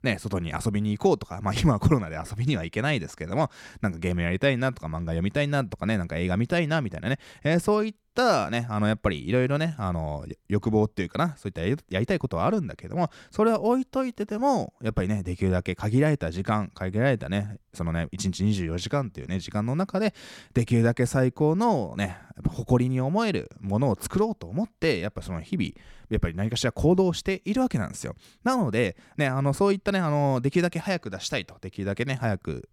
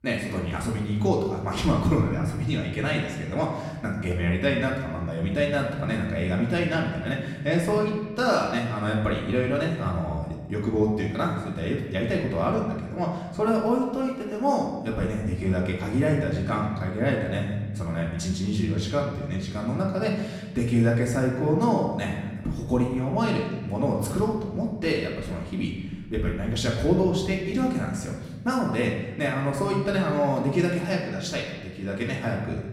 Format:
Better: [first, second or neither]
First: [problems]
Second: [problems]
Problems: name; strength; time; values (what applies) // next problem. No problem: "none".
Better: first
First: none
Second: room echo; noticeable; dies away in 1.2 s // off-mic speech; far